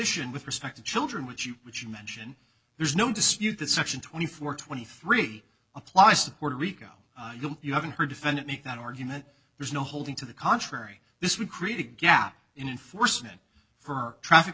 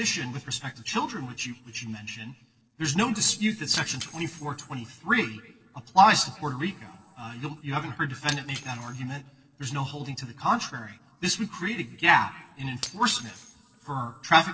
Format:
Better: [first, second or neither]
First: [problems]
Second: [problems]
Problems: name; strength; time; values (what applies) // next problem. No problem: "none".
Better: first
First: none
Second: noise reduction (neural separator model SepFormer DNS4)